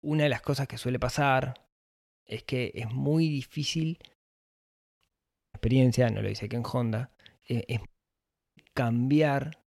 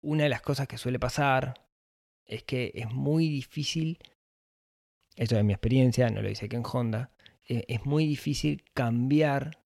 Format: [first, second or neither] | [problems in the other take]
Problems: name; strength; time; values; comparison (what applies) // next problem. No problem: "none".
second | audio cutting out; at 5 s and at 8 s for 0.5 s